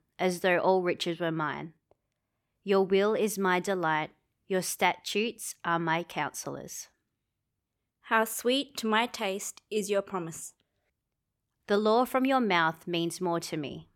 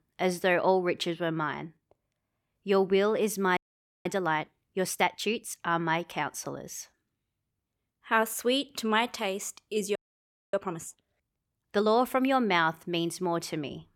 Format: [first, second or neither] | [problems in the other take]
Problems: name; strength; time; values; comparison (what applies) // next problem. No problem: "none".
first | audio freezing; at 3.5 s and at 10 s for 0.5 s